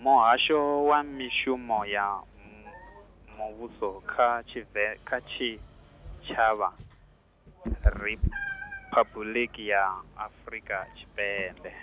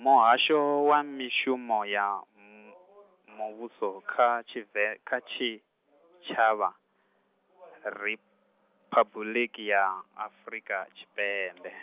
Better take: second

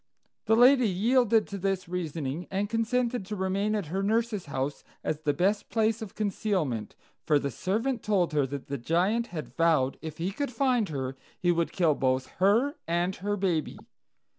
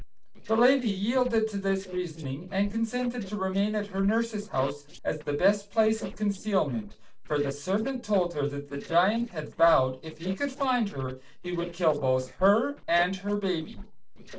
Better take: first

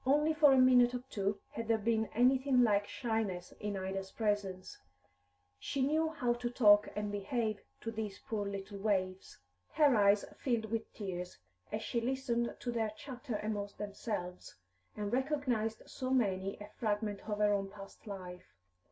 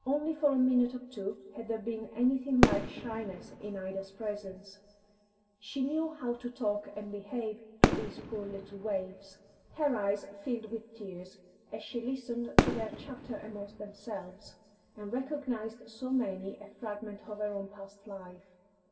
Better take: first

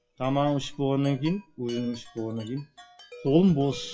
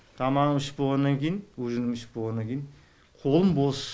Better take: second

